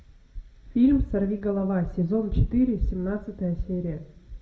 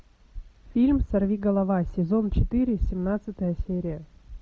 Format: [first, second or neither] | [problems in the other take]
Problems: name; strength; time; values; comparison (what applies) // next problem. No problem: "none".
second | room echo; dies away in 0.5 s